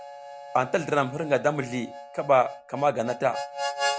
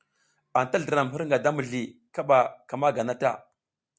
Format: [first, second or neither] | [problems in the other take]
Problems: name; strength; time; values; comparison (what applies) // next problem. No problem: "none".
second | background sound (Harmonica); 8 dB below the speech